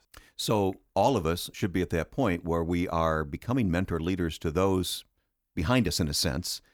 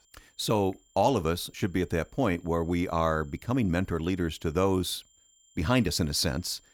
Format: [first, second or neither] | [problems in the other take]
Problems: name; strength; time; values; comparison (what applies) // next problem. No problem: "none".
first | high-pitched whine; faint; throughout; 7.5 kHz, 35 dB below the speech